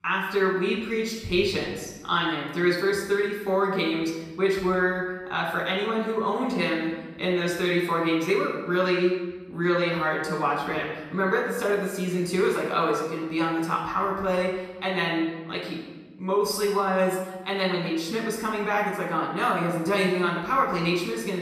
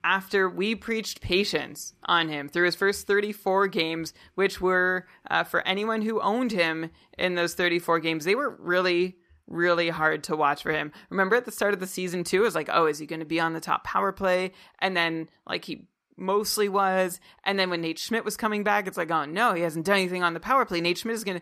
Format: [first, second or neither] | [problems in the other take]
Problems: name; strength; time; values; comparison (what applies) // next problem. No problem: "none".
second | off-mic speech; far // room echo; noticeable; dies away in 1.1 s